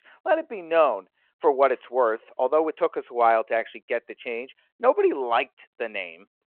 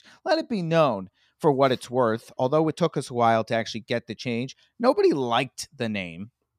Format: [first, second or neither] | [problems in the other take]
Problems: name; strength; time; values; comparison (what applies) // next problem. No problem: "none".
second | phone-call audio